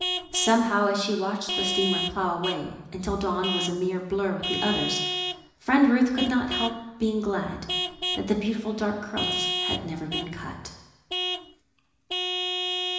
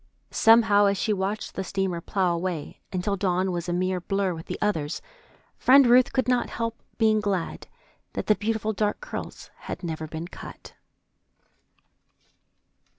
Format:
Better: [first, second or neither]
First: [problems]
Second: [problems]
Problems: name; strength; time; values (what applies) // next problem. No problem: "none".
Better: second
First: background sound (Vehicle horn, car horn, honking / Truck); 4 dB below the speech // room echo; dies away in 1 s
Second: none